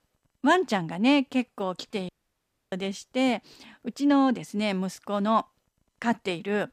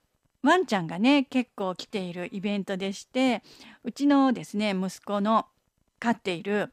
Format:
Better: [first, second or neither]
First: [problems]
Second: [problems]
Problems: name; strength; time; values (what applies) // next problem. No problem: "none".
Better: second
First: audio cutting out; at 2 s for 0.5 s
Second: none